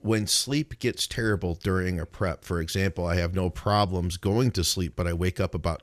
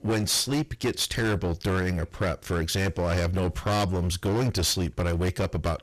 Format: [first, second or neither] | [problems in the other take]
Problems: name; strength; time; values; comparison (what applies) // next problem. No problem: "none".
first | distortion; heavy; 20% of the sound clipped